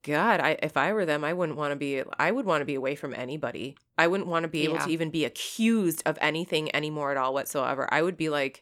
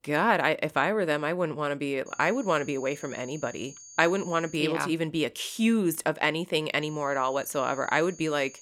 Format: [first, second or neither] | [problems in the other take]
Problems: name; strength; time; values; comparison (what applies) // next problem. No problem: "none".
first | high-pitched whine; noticeable; from 2 to 4.5 s and from 7 s on; 6.5 kHz, 20 dB below the speech